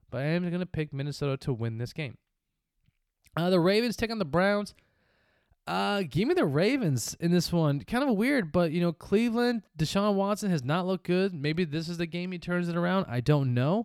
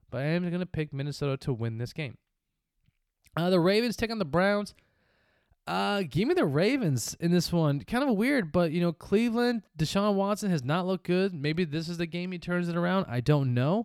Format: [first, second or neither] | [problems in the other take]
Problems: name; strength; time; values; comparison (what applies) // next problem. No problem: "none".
neither | none